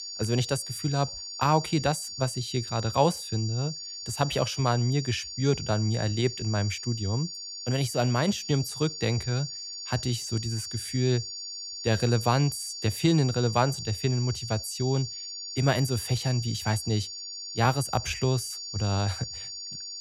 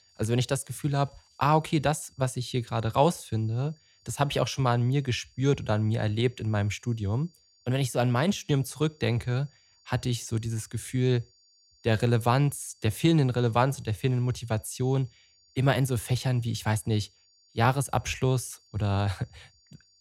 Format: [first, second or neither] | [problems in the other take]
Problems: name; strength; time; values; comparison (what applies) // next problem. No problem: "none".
second | high-pitched whine; loud; throughout; 4.5 kHz, 7 dB below the speech; faint in the second